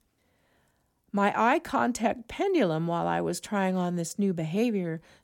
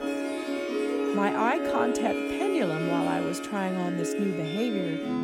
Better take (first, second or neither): first